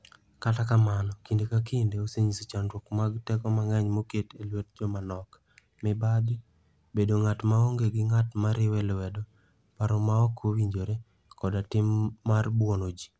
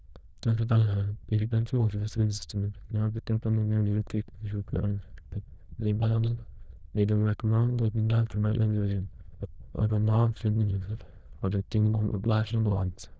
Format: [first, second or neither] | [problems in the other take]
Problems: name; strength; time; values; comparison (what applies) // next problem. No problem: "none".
first | noise reduction (neural diffusion model UNIVERSE++)